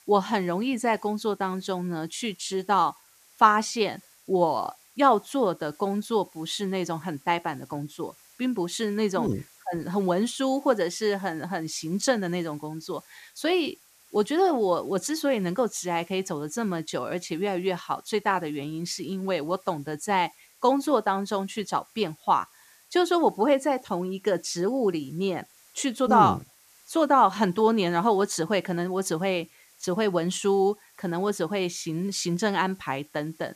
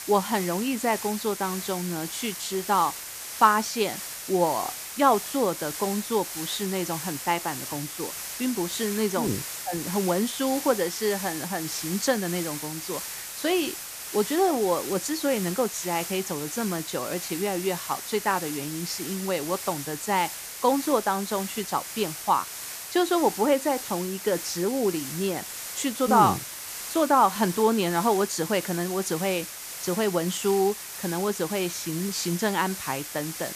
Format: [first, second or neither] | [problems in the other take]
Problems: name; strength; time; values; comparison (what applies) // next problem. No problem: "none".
first | hiss; loud; throughout; 7 dB below the speech; faint in the first